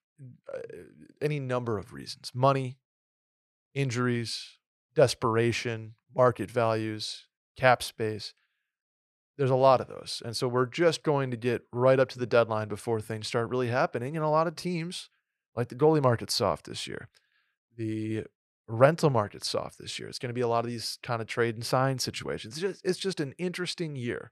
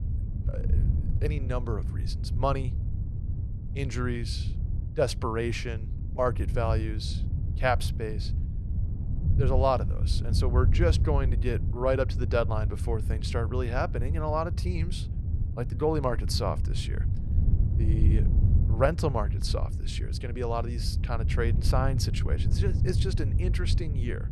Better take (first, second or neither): first